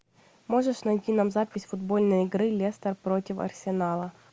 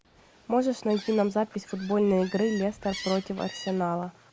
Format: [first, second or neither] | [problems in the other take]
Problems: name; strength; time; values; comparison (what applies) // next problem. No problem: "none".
first | background sound (Gull, seagull); 17 dB below the speech